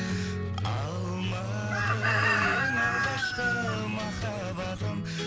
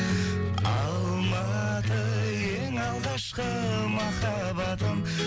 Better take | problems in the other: second | background sound (Chicken, rooster); 1 dB above the speech

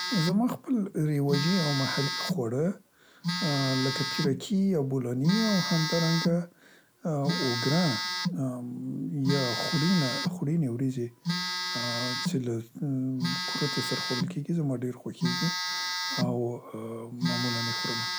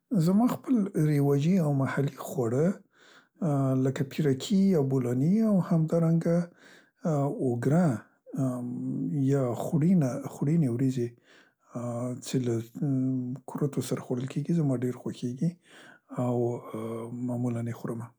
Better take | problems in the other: second | background sound (Telephone); 3 dB below the speech

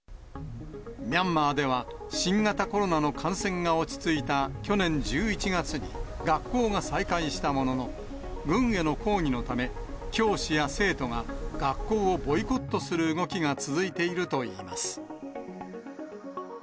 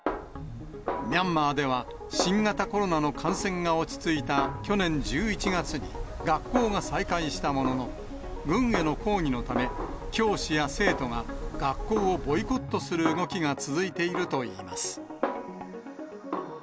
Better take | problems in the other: first | background sound (Snare drum); 9 dB below the speech

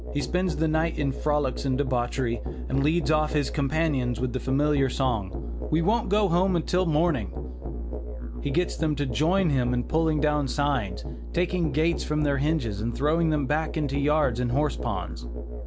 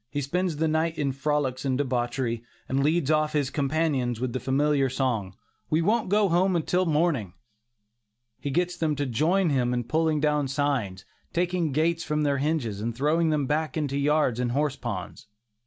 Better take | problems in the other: second | background sound (Musical instrument); 6 dB below the speech

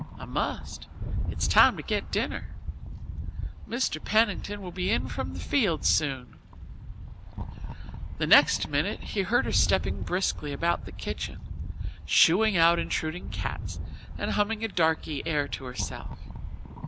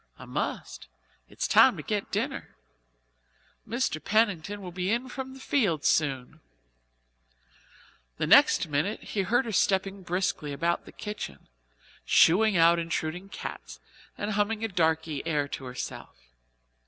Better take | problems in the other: second | background sound (Rattle); 5 dB below the speech

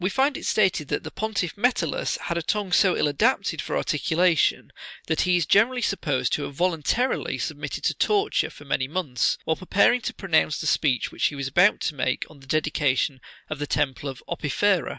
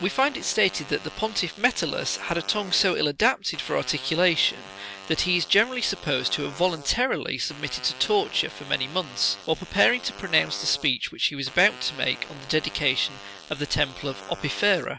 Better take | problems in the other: first | background sound (Fart); 16 dB below the speech

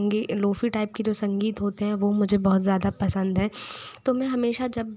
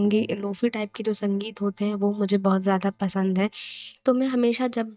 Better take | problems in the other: first | noise reduction (neural mask model DeepFilterNet 3)

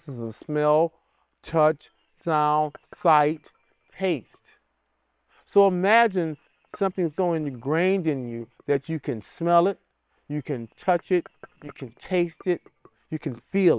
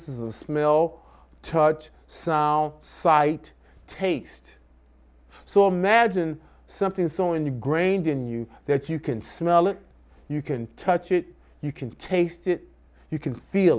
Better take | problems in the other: second | noise reduction (neural separator model SepFormer WHAM!)

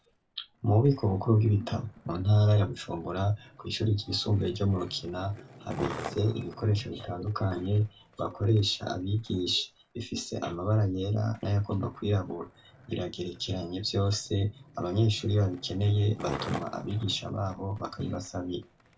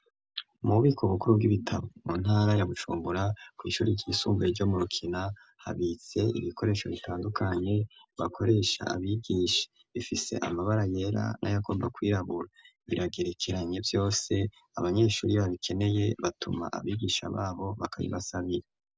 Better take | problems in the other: second | background sound (Skateboard); 17 dB below the speech // room echo; dies away in 0.2 s

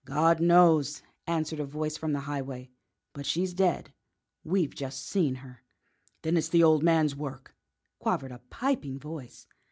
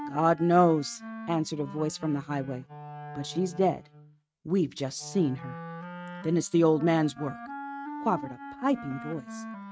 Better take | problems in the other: first | noise reduction (neural mask model RNNoise)

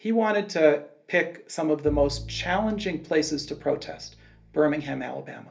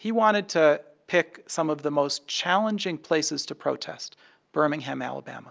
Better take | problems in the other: second | background sound (Bowed string instrument); 14 dB below the speech // room echo; dies away in 0.3 s

